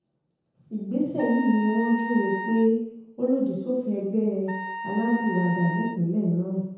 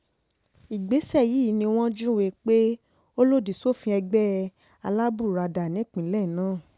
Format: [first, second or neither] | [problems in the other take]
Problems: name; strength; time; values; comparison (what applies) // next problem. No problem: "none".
second | background sound (Wind instrument, woodwind instrument); 9 dB below the speech // room echo; dies away in 0.9 s